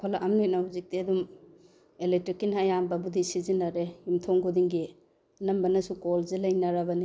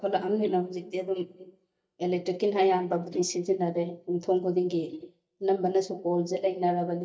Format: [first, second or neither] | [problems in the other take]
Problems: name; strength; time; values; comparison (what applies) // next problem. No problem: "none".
first | noise reduction (neural mask model DeepFilterNet 3)